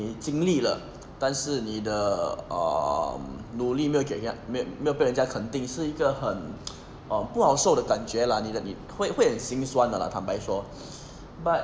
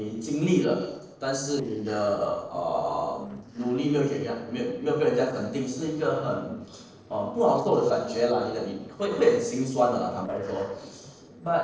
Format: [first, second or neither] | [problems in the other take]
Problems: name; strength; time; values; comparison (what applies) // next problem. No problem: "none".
first | noise reduction (neural separator model SepFormer DNS4)